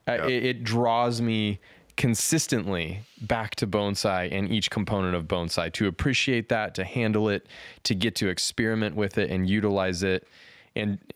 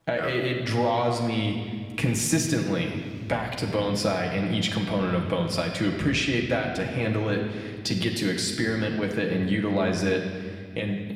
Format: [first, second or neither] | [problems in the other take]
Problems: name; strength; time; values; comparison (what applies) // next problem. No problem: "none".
first | room echo; slight; dies away in 1.7 s // off-mic speech; somewhat distant